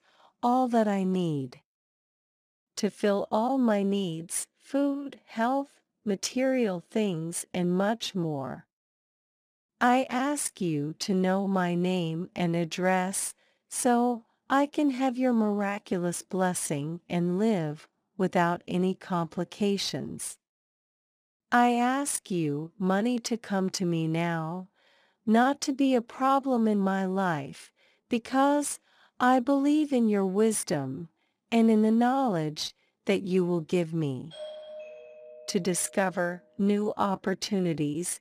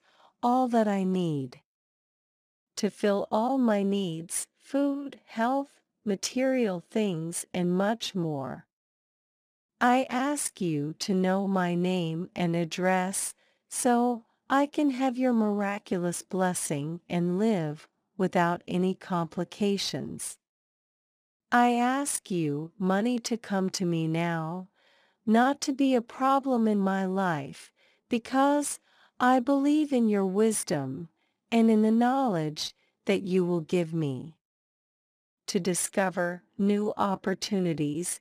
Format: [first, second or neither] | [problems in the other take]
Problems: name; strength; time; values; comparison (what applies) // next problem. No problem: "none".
second | doorbell; faint; from 34 to 36 s; peak 15 dB below the speech